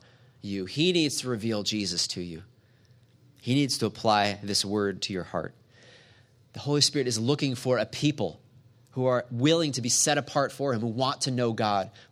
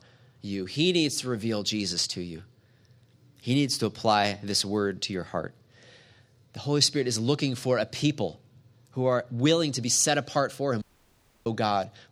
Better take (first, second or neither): first